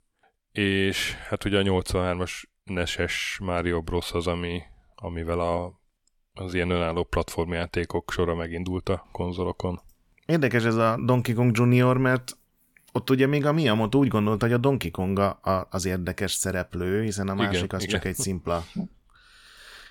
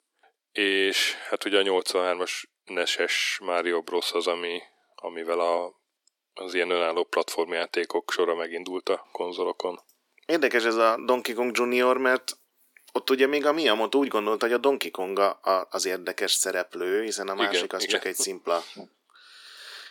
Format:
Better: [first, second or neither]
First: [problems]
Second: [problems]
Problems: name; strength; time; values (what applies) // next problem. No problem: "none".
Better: first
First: none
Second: thin; somewhat; fading below 300 Hz